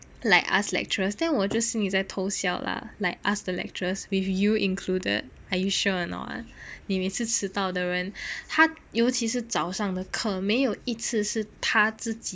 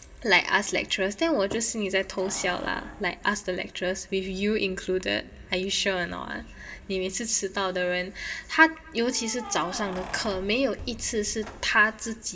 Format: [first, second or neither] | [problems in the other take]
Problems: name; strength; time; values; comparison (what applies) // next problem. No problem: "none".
first | background sound (Keys jangling); 18 dB below the speech // room echo; dies away in 1.3 s